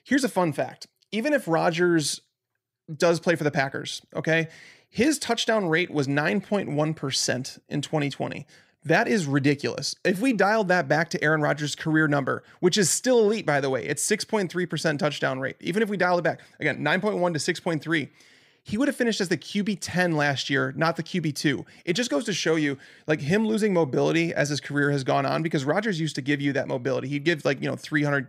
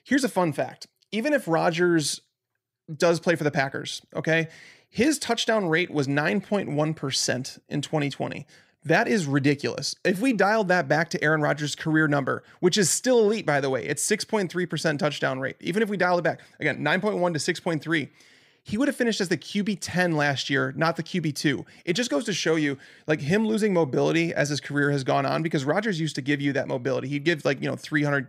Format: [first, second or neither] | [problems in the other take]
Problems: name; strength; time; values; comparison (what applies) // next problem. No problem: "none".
neither | none